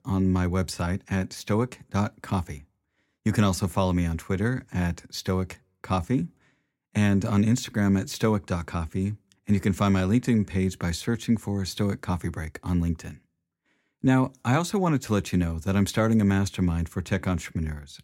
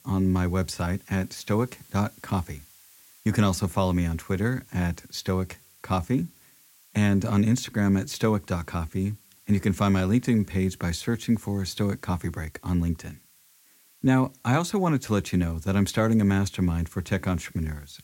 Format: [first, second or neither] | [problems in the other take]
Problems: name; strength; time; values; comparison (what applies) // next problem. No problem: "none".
first | hiss; faint; throughout; 25 dB below the speech